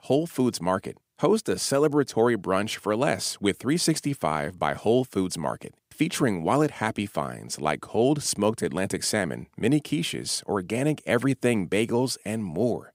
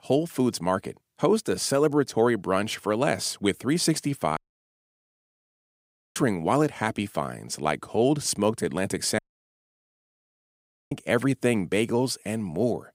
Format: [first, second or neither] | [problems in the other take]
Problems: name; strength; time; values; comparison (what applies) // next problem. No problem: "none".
first | audio cutting out; at 4.5 s for 2 s and at 9 s for 1.5 s